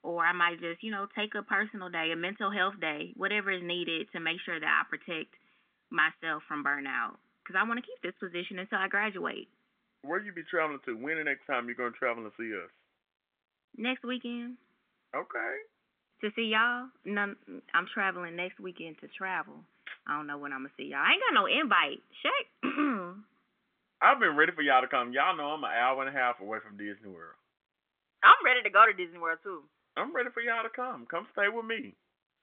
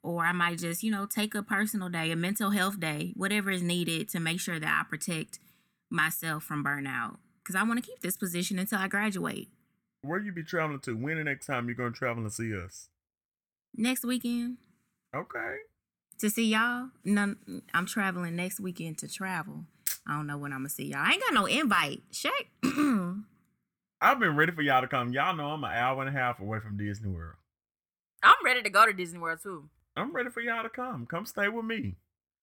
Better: second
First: phone-call audio; nothing above 3.5 kHz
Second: none

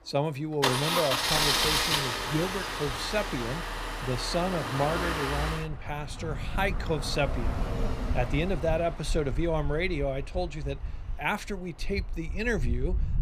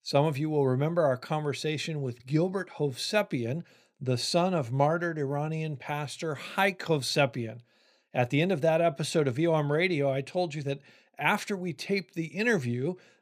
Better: second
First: traffic noise; very loud; throughout; 1 dB above the speech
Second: none

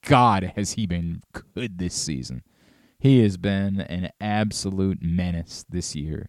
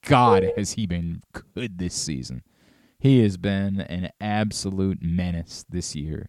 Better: first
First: none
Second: clattering dishes; loud; at 0.5 s; peak 3 dB above the speech

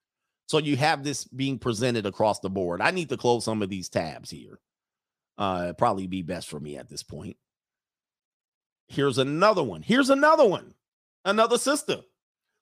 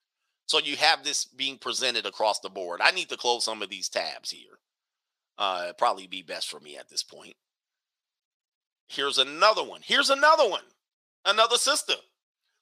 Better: first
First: none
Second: thin; very; fading below 650 Hz

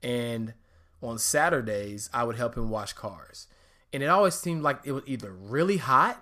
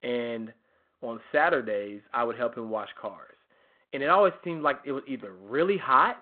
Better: first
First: none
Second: phone-call audio; nothing above 4 kHz

